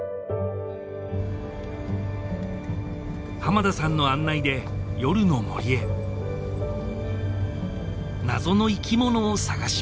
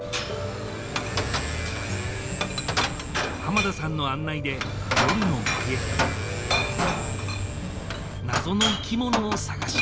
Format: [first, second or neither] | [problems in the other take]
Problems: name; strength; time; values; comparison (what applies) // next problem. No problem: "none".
first | background sound (Glass + Motorcycle / Accelerating, revving, vroom); 1 dB above the speech